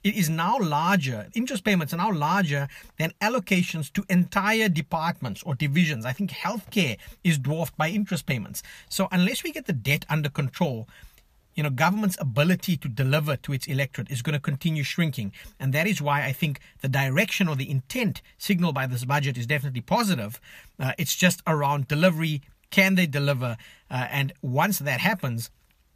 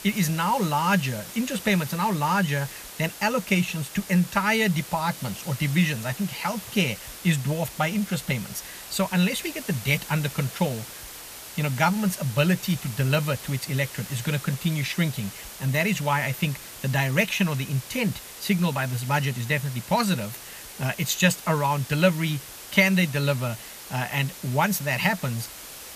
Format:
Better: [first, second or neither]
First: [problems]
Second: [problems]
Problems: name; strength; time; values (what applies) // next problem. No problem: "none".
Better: first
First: none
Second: hiss; noticeable; throughout; 15 dB below the speech